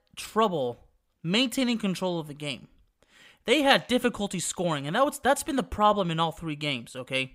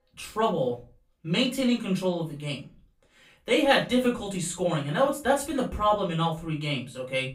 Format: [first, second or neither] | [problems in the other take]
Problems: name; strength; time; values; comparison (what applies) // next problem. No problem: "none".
first | off-mic speech; far // room echo; slight; dies away in 0.2 s